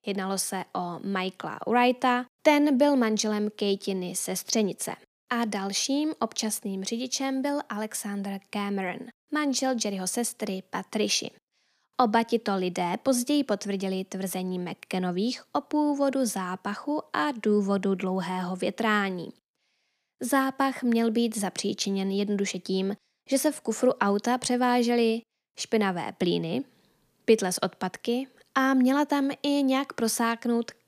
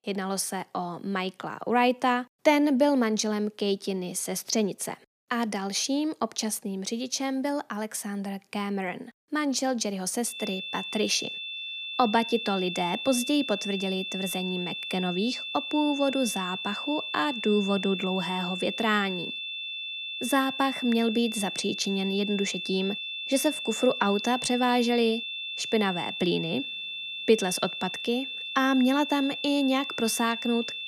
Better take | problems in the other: first | high-pitched whine; loud; from 10 s on; 3.5 kHz, 5 dB below the speech

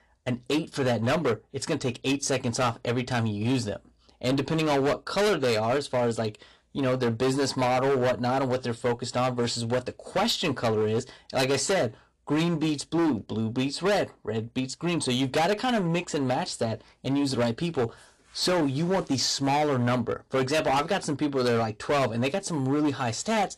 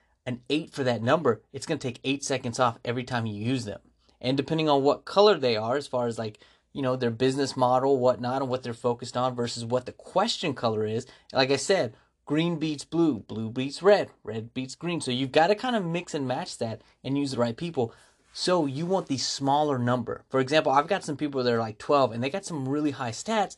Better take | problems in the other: second | distortion; heavy; 15% of the sound clipped

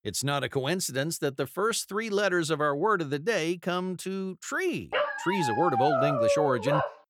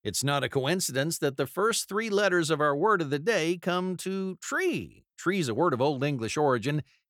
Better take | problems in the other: second | dog barking; loud; from 5 s on; peak 3 dB above the speech

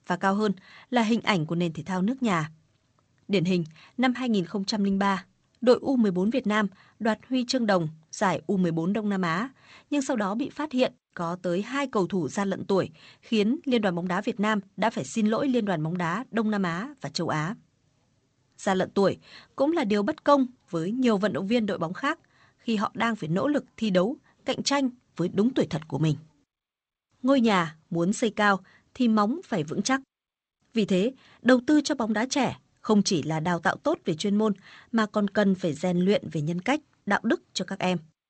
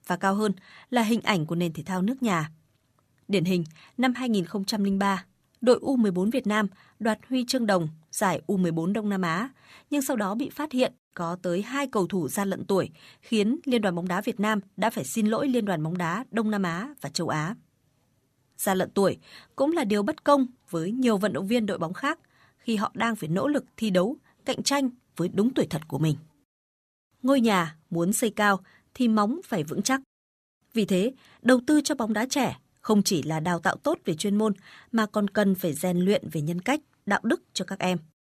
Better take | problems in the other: second | garbled, watery; slightly; nothing above 8 kHz

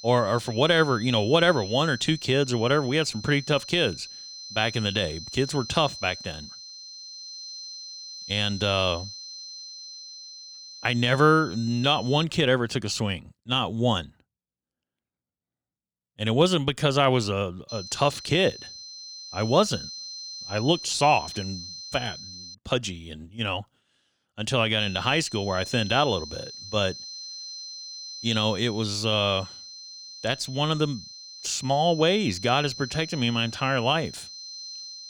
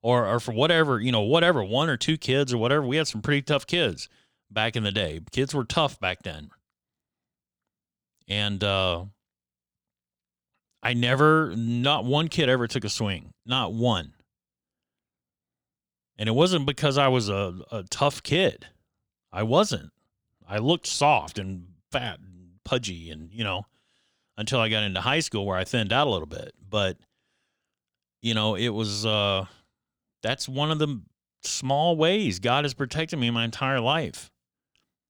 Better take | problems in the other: second | high-pitched whine; noticeable; until 12 s, from 18 to 23 s and from 25 s on; 4 kHz, 15 dB below the speech

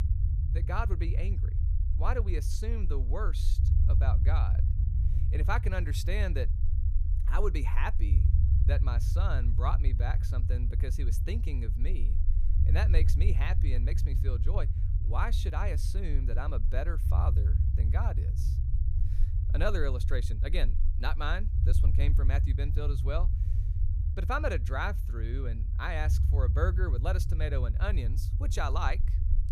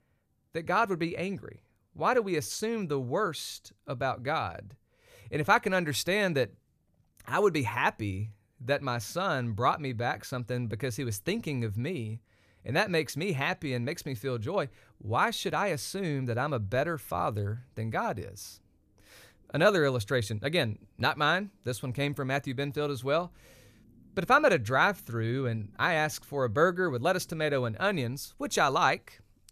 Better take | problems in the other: second | low rumble; loud; throughout; 9 dB below the speech

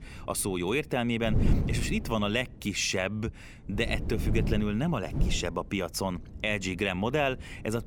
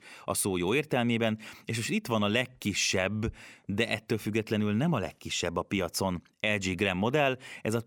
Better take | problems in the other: second | wind noise on the microphone; occasional gusts; 10 dB below the speech

